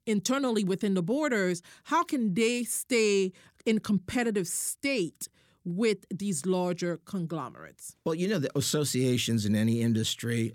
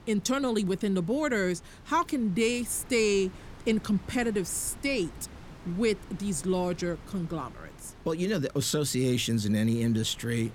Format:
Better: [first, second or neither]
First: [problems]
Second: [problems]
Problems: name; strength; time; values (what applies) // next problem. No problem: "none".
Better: first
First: none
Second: wind noise on the microphone; occasional gusts; 20 dB below the speech